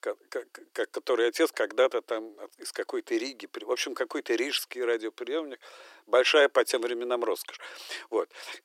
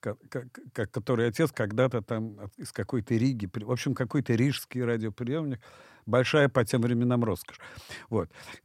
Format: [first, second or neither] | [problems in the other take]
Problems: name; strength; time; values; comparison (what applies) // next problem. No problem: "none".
second | thin; very; fading below 350 Hz